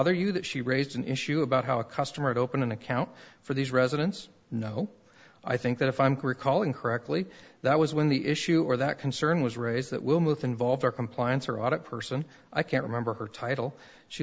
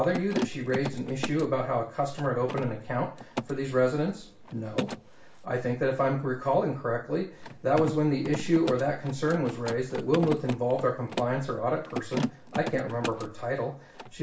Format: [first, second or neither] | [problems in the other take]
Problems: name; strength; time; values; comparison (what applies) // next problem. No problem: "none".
first | background sound (Mechanisms); 10 dB below the speech // room echo; dies away in 0.3 s